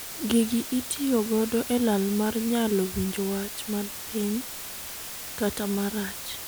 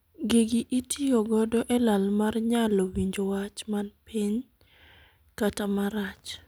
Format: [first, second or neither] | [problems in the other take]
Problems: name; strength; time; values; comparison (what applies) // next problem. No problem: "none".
second | background sound (Water); 10 dB below the speech